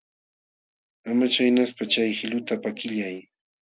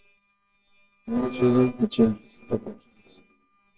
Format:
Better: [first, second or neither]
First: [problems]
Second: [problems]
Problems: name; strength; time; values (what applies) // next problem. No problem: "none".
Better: first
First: none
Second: noise reduction (neural separator model SepFormer WHAMR!)